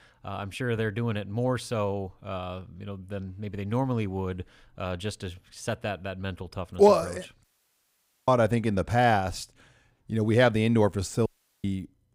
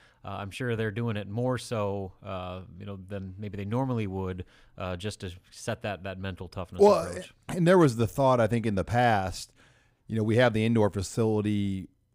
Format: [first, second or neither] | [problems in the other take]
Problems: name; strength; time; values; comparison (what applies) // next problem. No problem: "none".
second | audio cutting out; at 7.5 s for 1 s and at 11 s